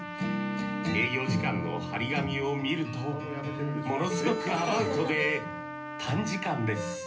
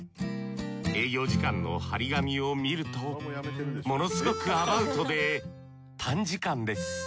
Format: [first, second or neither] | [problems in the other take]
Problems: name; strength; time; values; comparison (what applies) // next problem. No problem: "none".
second | background sound (Trumpet); 9 dB below the speech // room echo; dies away in 0.3 s